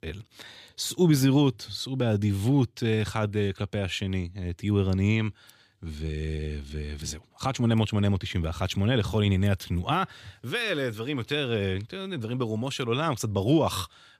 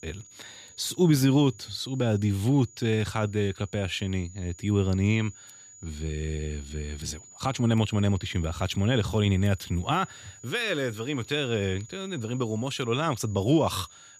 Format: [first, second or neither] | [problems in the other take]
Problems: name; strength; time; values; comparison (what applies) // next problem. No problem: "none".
first | high-pitched whine; faint; throughout; 7 kHz, 20 dB below the speech